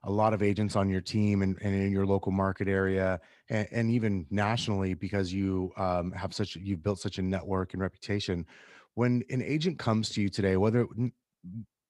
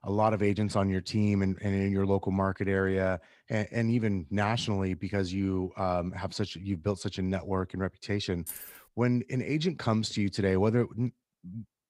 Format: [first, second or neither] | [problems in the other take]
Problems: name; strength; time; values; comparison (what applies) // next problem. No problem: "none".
first | jangling keys; faint; at 8.5 s; peak 10 dB below the speech